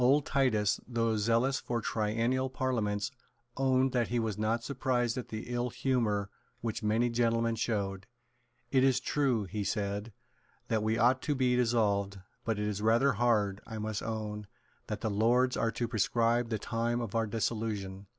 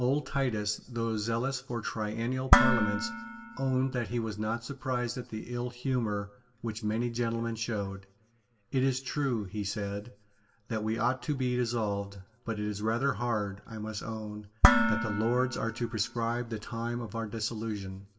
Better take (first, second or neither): first